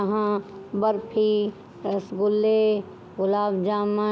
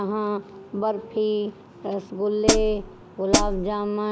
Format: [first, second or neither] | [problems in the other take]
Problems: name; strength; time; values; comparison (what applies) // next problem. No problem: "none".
first | background sound (Hi-hat); 3 dB above the speech